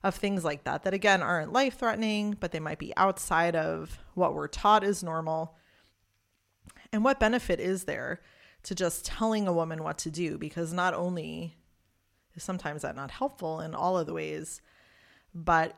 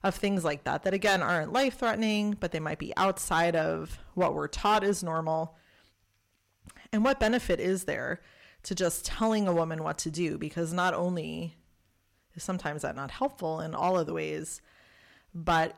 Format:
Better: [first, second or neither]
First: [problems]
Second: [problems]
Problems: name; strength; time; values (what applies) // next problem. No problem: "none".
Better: first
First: none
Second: distortion; slight; 3% of the sound clipped